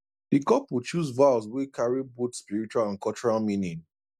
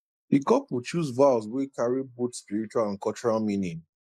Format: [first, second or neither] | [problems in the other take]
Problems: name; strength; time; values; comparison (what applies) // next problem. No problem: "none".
first | noise reduction (neural mask model Resemble Enhance denoiser)